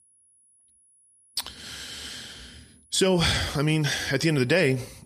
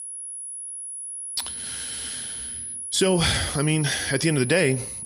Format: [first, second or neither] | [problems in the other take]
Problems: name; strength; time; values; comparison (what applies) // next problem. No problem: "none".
first | high-pitched whine; loud; throughout; 10.5 kHz, 8 dB below the speech; faint in the first